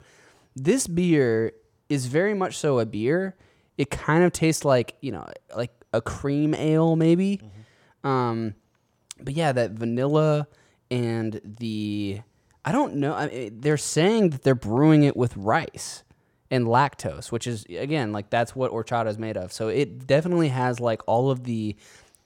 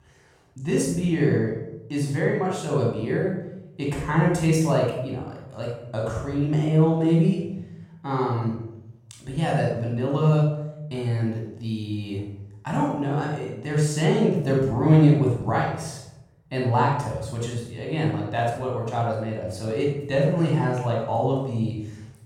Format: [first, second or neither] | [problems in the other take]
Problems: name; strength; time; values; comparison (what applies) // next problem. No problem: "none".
first | off-mic speech; far // room echo; noticeable; dies away in 0.8 s